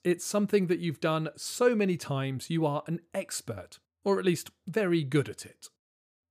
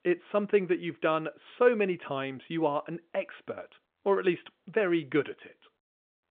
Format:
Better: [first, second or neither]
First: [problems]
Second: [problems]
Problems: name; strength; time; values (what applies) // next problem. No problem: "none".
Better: first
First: none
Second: phone-call audio